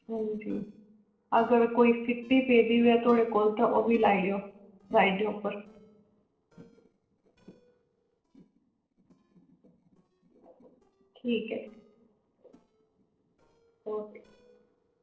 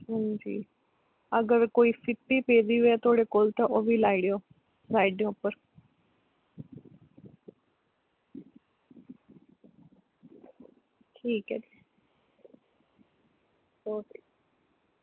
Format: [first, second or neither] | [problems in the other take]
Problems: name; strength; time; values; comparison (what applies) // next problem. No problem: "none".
second | noise reduction (neural separator model SepFormer DNS4)